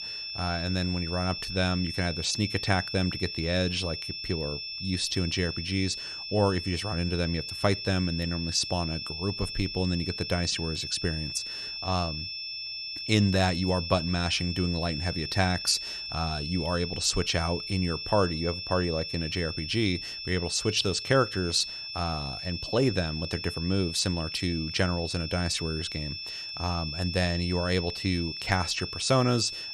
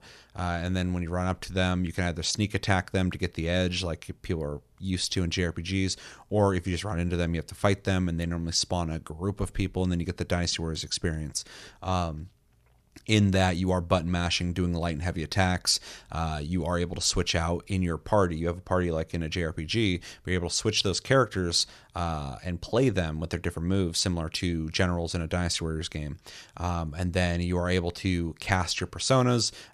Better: second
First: high-pitched whine; loud; throughout; 5.5 kHz, 5 dB below the speech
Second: none

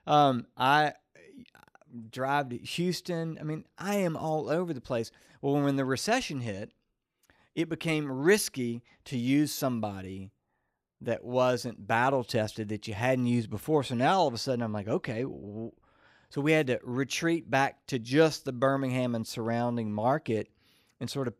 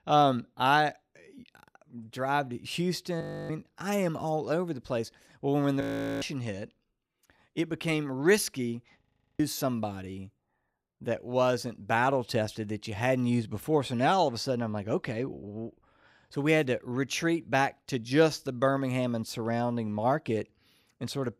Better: first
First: none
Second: audio freezing; at 3 s, at 6 s and at 9 s

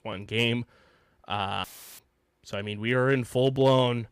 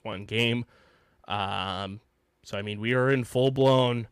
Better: second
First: audio cutting out; filled with static; at 1.5 s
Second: none

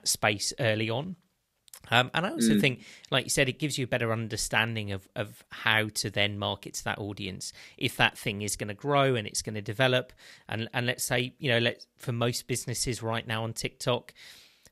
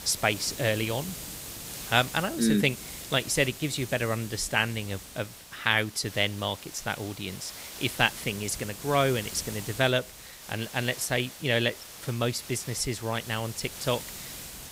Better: first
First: none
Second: hiss; noticeable; throughout; 10 dB below the speech

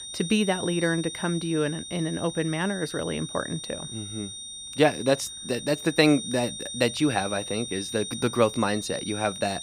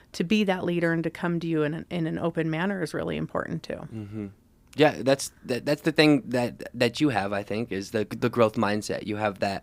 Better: second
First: high-pitched whine; loud; throughout; 3.5 kHz, 8 dB below the speech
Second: none

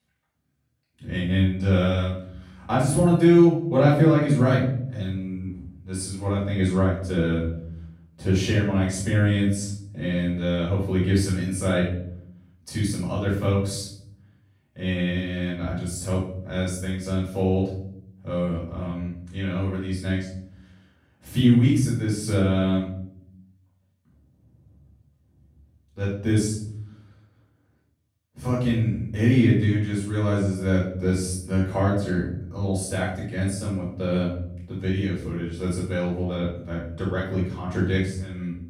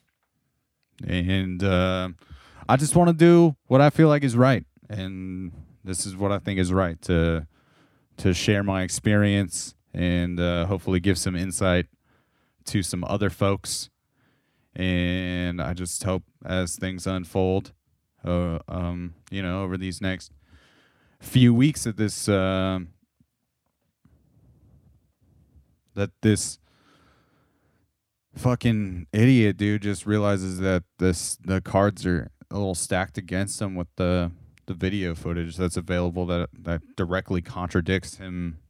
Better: second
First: room echo; noticeable; dies away in 0.7 s // off-mic speech; far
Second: none

